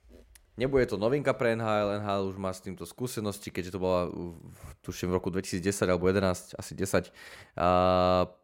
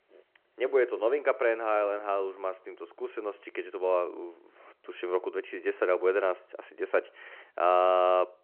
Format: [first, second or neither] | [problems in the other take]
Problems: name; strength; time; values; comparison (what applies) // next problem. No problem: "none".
first | phone-call audio